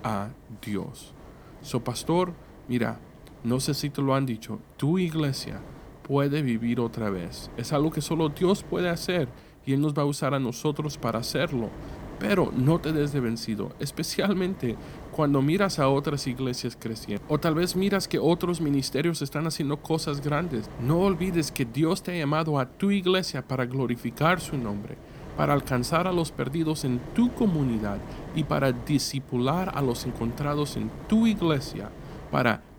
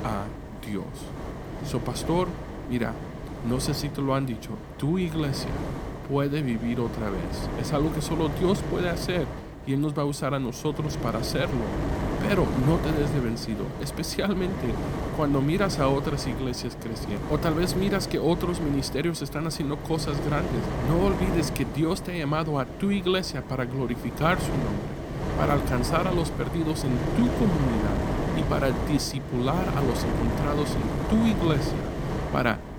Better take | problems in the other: first | wind noise on the microphone; heavy; 5 dB below the speech; occasional gusts in the first

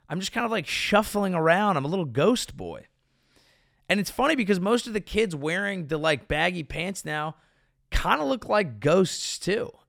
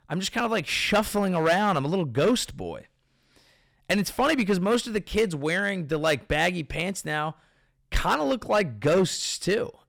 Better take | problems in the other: first | distortion; slight; 4% of the sound clipped

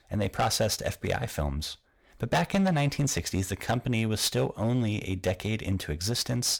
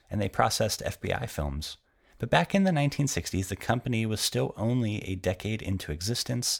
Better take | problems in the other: second | distortion; slight; 7% of the sound clipped

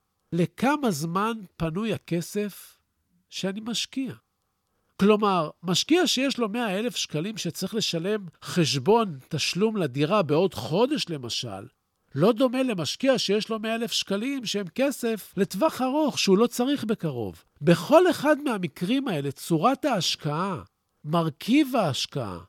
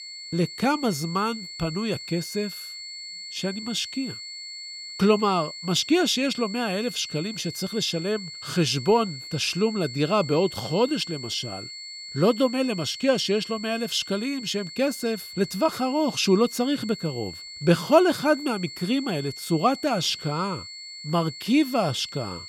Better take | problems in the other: first | high-pitched whine; noticeable; throughout; 4.5 kHz, 10 dB below the speech

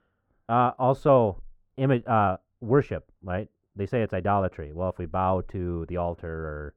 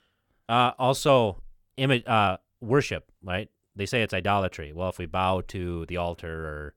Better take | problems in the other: second | muffled; very; fading above 2 kHz

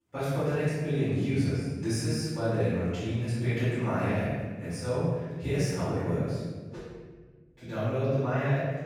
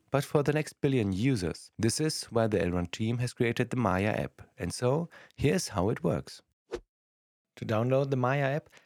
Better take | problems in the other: second | off-mic speech; far // room echo; strong; dies away in 1.4 s

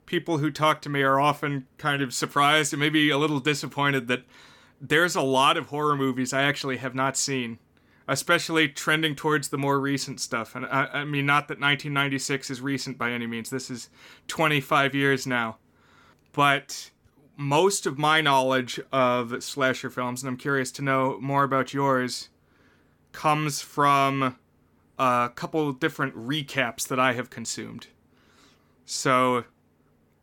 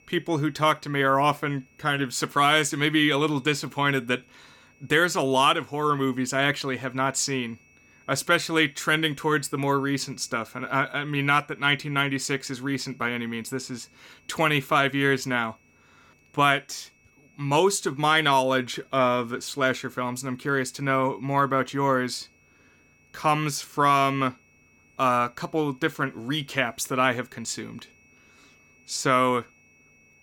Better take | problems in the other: first | high-pitched whine; faint; throughout; 2.5 kHz, 35 dB below the speech

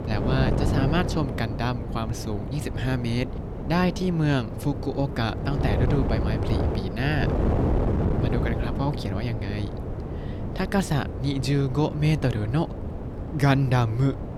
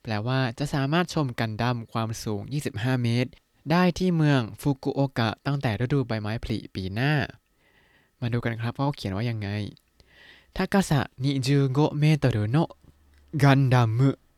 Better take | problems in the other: second | wind noise on the microphone; heavy; 5 dB below the speech

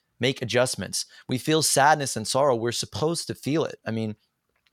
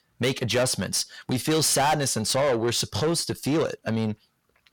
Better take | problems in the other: first | distortion; heavy; 7 dB below the speech

